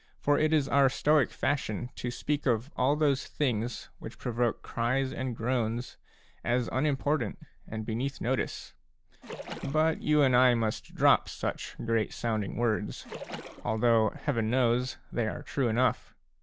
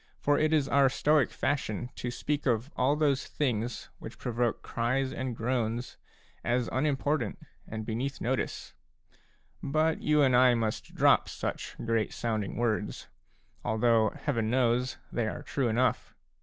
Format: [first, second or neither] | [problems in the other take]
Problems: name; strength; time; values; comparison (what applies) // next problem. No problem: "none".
second | background sound (Splash, splatter); 13 dB below the speech